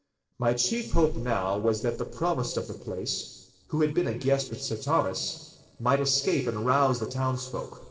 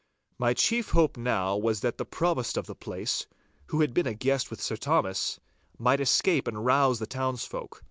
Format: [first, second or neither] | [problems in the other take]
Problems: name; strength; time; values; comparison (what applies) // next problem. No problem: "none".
second | noise reduction (neural separator model SepFormer DNS4)